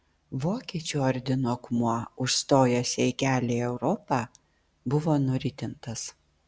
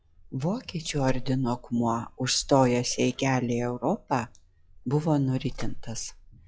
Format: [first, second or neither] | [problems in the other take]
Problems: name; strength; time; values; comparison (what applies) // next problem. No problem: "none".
first | noise reduction (classical method log-MMSE)